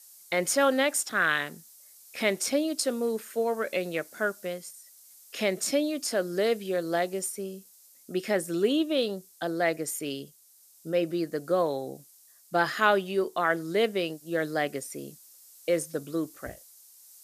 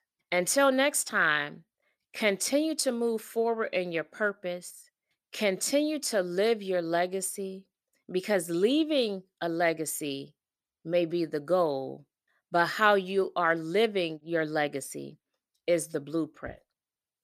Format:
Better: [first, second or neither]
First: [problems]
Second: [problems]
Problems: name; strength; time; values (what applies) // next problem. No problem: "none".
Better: second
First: hiss; faint; throughout; 25 dB below the speech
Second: none